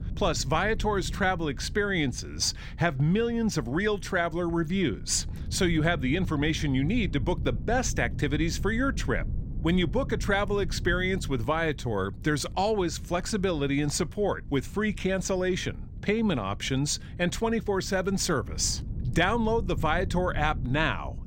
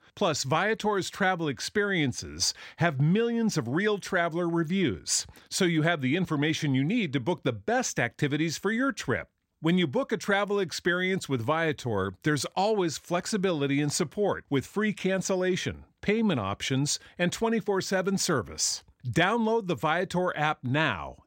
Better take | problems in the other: second | wind noise on the microphone; occasional gusts; 20 dB below the speech

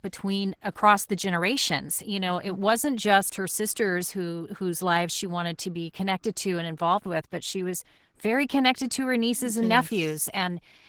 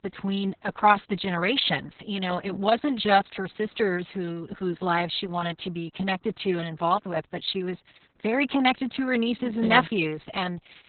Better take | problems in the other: first | garbled, watery; badly; nothing above 4 kHz; slightly in the first

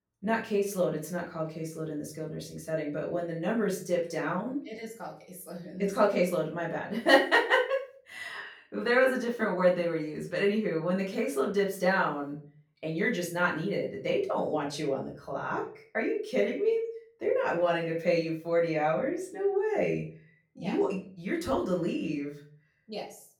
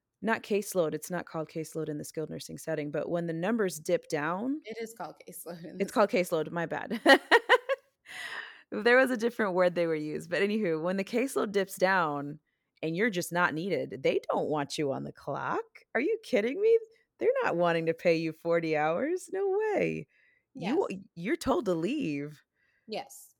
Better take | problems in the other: second | room echo; slight; dies away in 0.3 s // off-mic speech; far

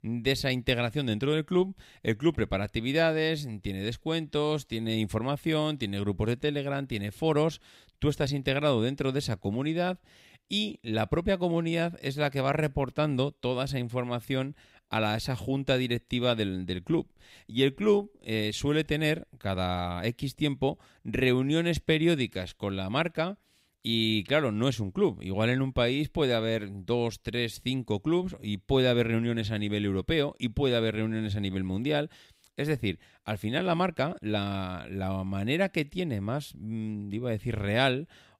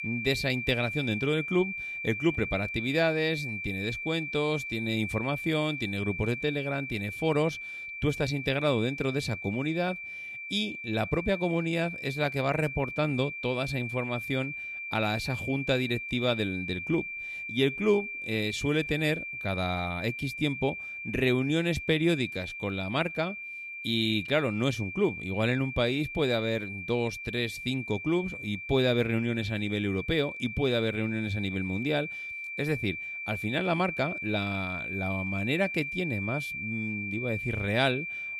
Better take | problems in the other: first | high-pitched whine; loud; throughout; 2.5 kHz, 6 dB below the speech

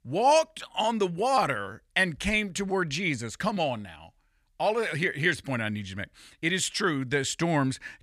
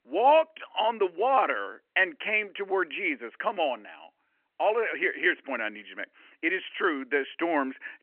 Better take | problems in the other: first | phone-call audio; nothing above 3 kHz

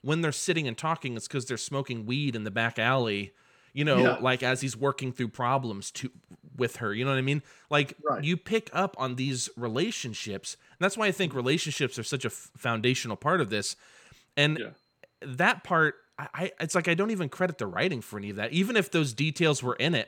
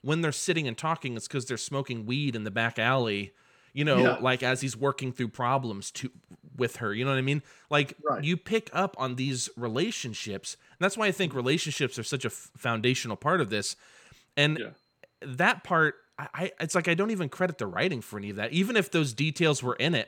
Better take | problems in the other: neither | none

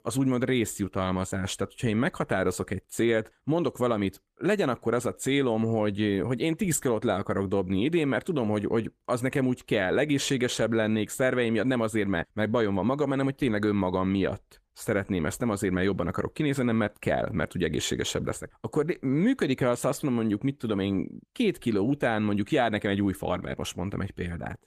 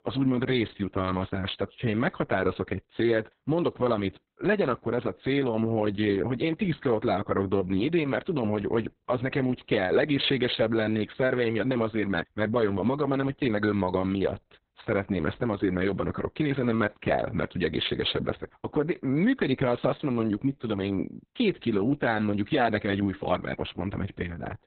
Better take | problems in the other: first | garbled, watery; badly; nothing above 4 kHz; slightly in the first

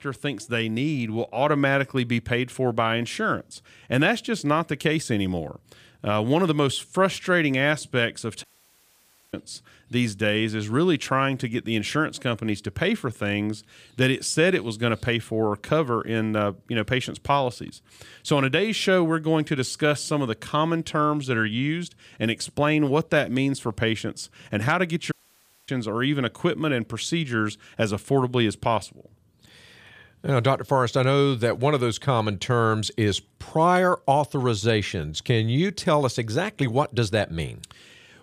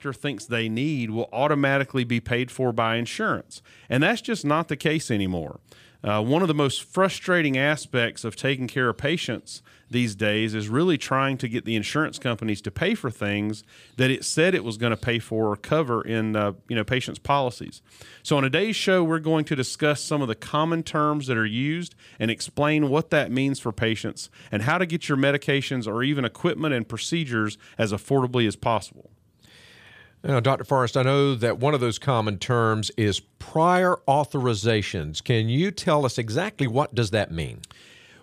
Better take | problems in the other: second | audio cutting out; at 8.5 s for 1 s and at 25 s for 0.5 s

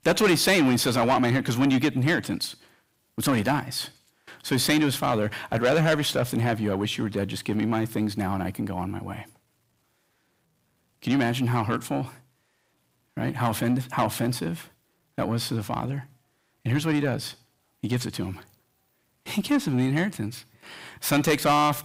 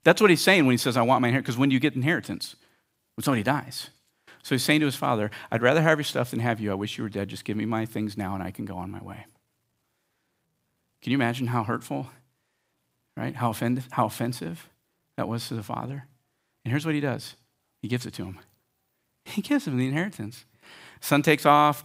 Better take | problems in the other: second | distortion; heavy; 7 dB below the speech

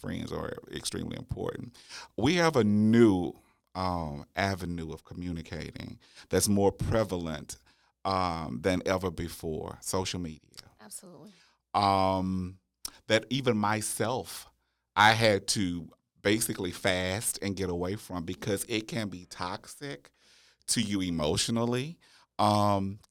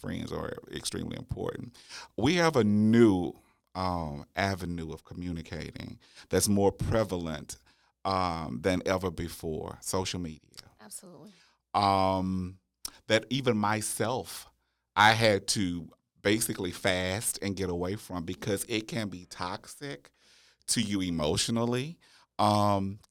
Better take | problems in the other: neither | none

